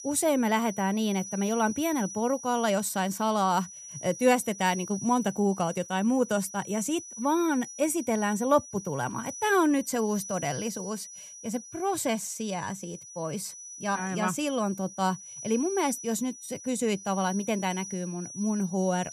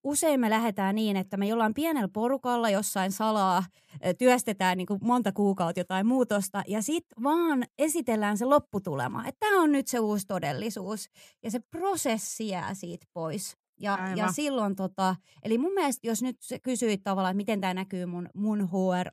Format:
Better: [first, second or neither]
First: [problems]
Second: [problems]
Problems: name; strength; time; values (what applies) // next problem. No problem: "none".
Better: second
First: high-pitched whine; noticeable; throughout; 6 kHz, 10 dB below the speech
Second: none